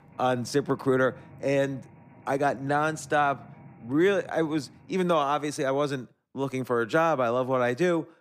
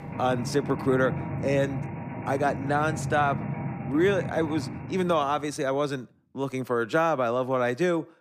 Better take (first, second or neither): first